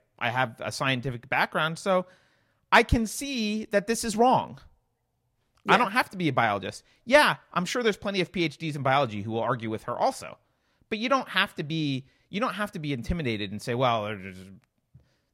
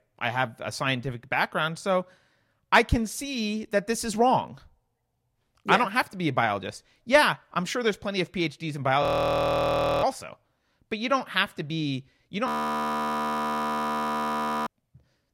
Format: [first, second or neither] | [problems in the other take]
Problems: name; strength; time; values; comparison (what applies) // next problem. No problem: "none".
first | audio freezing; at 9 s for 1 s and at 12 s for 2 s